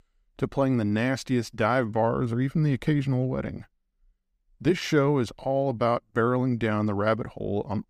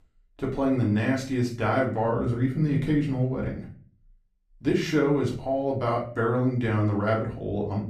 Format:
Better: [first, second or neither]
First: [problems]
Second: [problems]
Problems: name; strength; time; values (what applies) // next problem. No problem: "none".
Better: first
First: none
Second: off-mic speech; far // room echo; slight; dies away in 0.4 s